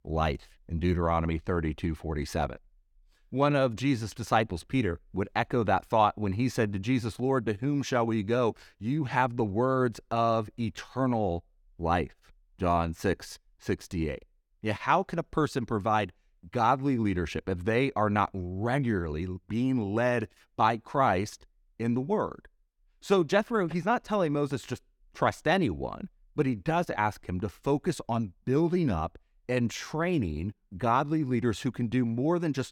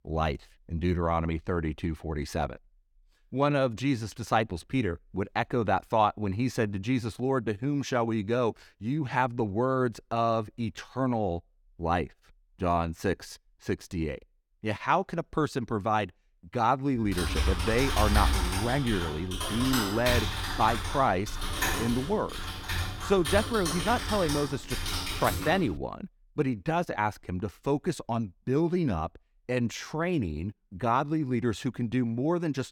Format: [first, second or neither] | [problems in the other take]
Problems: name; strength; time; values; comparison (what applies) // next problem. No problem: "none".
first | keyboard typing; loud; from 17 to 26 s; peak 3 dB above the speech